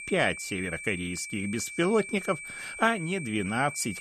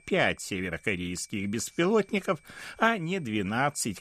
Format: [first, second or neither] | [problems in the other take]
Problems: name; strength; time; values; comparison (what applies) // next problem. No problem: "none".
second | high-pitched whine; loud; throughout; 2.5 kHz, 9 dB below the speech; faint in the second